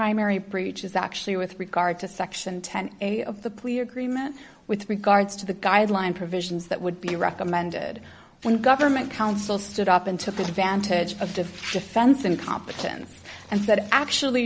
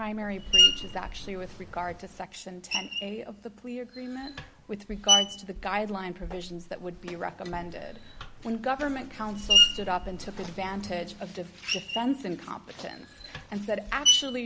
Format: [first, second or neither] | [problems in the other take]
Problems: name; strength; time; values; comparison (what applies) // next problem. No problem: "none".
first | background sound (Screech); 4 dB above the speech